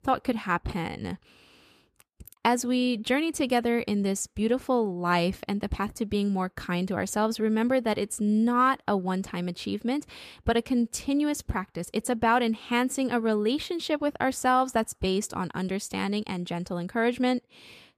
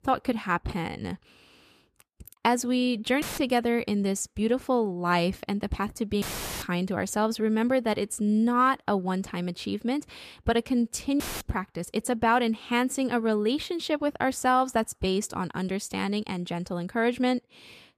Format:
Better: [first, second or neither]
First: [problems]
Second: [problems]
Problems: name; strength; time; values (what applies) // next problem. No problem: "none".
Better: first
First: none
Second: audio cutting out; filled with static; at 3 s, at 6 s and at 11 s